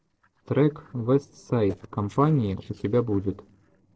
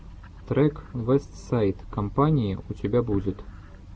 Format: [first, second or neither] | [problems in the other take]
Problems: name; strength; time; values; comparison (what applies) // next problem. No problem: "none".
second | noise reduction (neural separator model SepFormer DNS4)